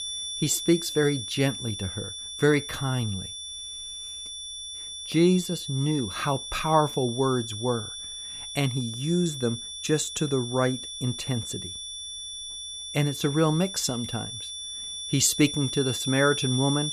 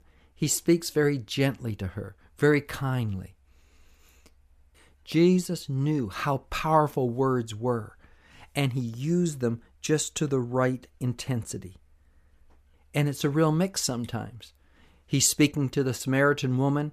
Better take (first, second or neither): second